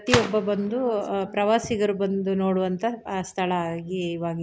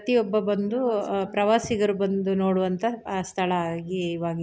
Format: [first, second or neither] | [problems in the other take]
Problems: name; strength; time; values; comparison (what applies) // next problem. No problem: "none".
second | background sound (Gunshot, gunfire); 10 dB below the speech